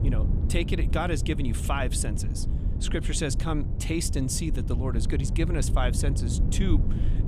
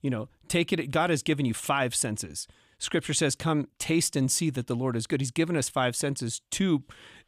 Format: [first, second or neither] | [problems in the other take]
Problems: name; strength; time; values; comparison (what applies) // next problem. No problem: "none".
second | low rumble; loud; throughout; 10 dB below the speech